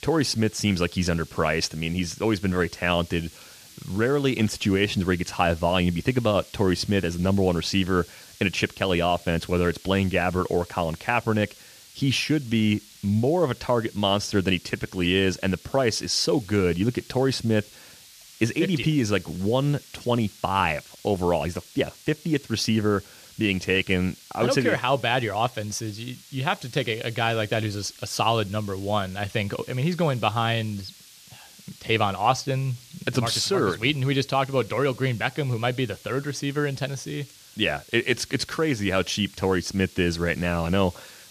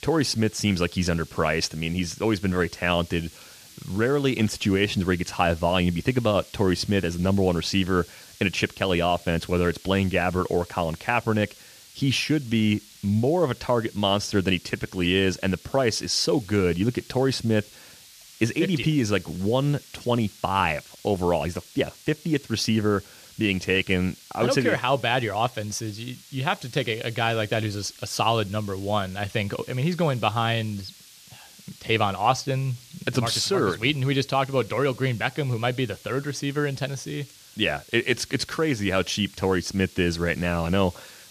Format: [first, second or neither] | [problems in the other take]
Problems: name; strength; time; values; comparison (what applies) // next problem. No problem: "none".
neither | hiss; faint; throughout; 20 dB below the speech; the same in both